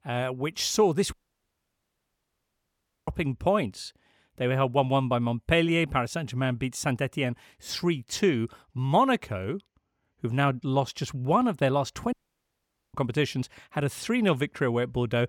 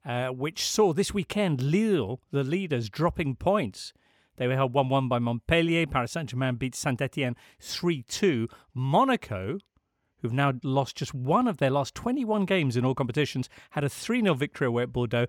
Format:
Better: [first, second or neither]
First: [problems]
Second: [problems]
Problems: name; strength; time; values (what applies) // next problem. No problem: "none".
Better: second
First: audio cutting out; at 1 s for 2 s and at 12 s for 1 s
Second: none